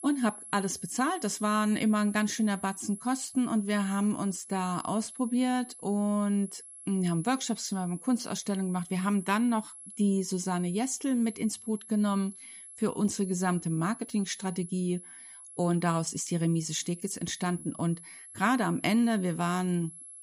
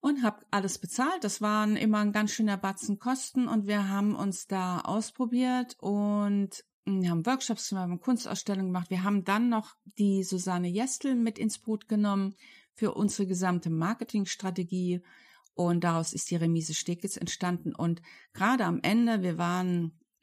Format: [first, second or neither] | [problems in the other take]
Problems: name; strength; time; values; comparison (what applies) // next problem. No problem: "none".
second | high-pitched whine; noticeable; throughout; 11 kHz, 15 dB below the speech